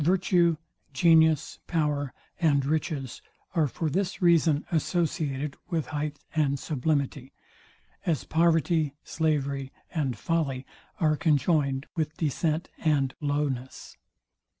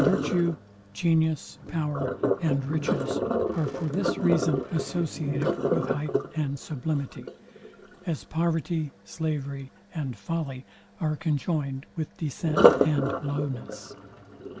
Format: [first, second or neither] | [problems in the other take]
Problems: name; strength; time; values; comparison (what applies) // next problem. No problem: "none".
first | background sound (Sink (filling or washing)); 1 dB below the speech